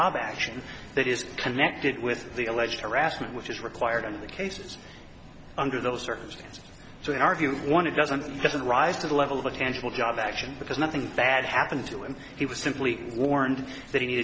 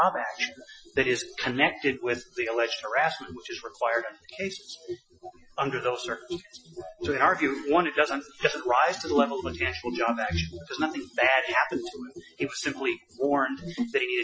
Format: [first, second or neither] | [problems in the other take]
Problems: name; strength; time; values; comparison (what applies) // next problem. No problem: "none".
first | noise reduction (classical method Wiener filter)